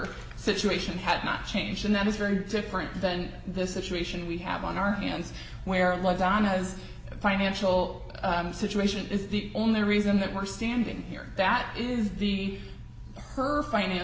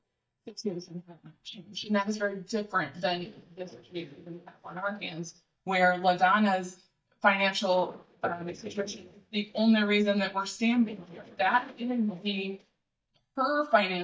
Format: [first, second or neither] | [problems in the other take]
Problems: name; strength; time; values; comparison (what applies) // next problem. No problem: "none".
first | noise reduction (neural mask model DeepFilterNet 3)